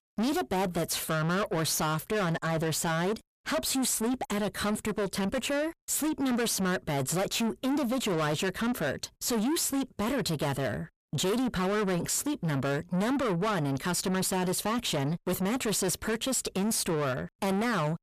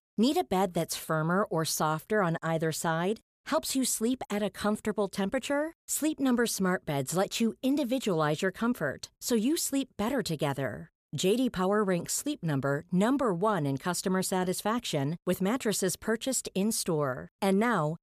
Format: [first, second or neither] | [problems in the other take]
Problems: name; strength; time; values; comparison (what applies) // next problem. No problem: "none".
second | distortion; heavy; 7 dB below the speech